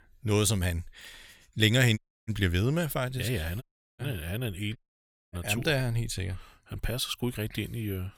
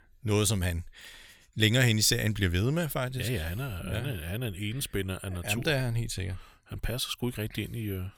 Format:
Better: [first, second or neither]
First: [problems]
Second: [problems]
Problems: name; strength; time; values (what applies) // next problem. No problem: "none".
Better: second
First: audio cutting out; at 2 s, at 3.5 s and at 5 s for 0.5 s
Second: none